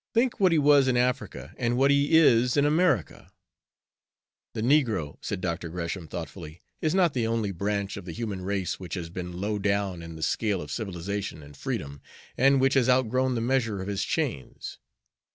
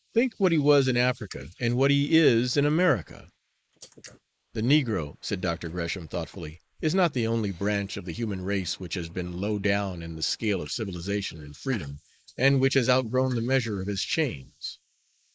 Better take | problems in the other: first | noise reduction (neural mask model Resemble Enhance denoiser)

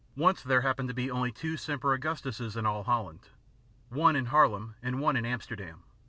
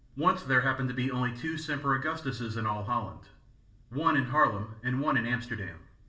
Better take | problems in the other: first | room echo; dies away in 0.5 s

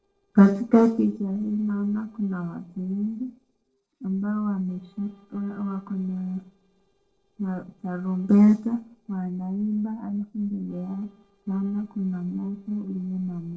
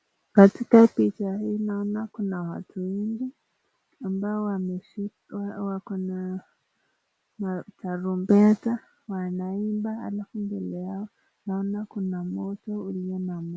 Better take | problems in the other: second | noise reduction (neural separator model SepFormer DNS4)

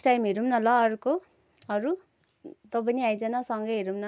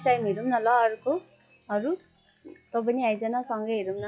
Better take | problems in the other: first | noise reduction (classical method log-MMSE)

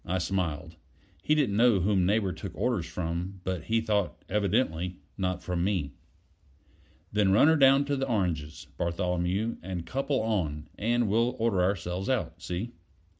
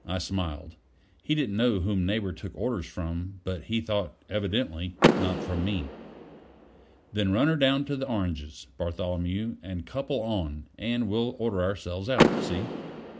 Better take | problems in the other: first | background sound (Door / Car); 4 dB below the speech

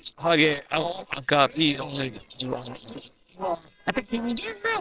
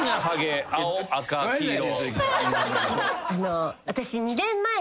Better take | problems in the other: second | noise reduction (neural separator model SepFormer WHAMR!)

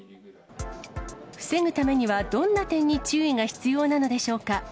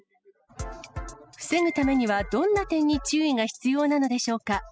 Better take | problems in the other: first | noise reduction (classical method spectral subtraction)

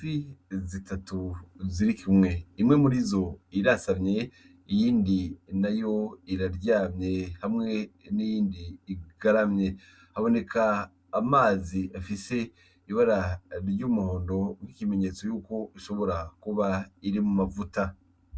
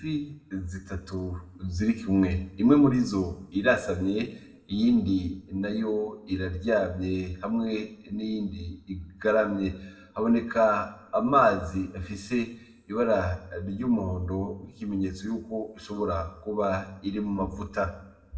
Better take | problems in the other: first | room echo; dies away in 0.7 s

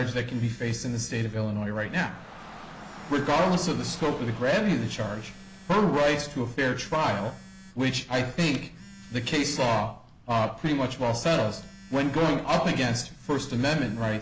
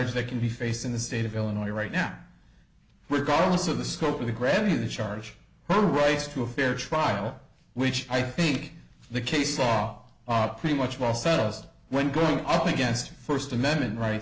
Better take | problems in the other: second | background sound (Rain / Dog + Telephone); 20 dB below the speech

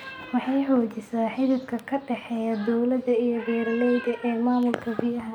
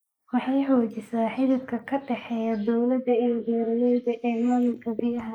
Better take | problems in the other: first | noise reduction (neural mask model Resemble Enhance denoiser)

